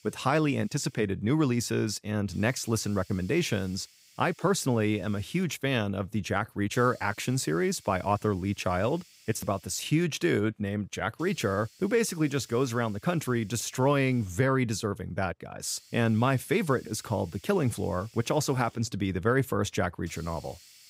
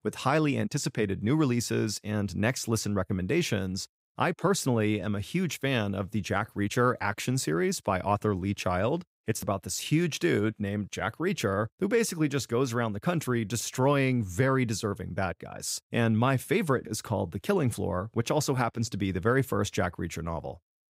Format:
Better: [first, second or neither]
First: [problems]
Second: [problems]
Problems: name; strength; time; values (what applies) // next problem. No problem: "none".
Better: second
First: hiss; faint; throughout; 25 dB below the speech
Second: none